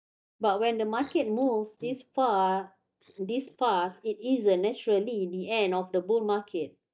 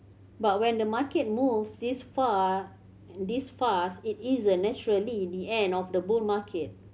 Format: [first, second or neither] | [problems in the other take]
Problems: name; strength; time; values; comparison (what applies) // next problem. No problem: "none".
second | noise reduction (neural mask model DeepFilterNet 3)